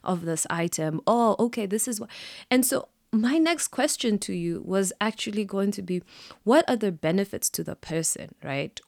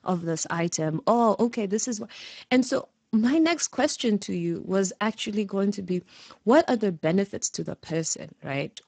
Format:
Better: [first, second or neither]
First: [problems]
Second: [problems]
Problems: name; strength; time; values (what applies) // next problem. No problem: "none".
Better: first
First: none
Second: garbled, watery; badly; nothing above 7.5 kHz